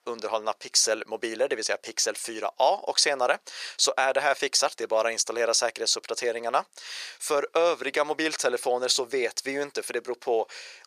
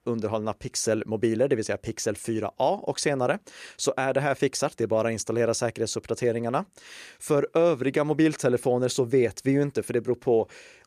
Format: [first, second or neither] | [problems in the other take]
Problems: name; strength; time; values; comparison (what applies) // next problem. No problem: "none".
second | thin; very; fading below 750 Hz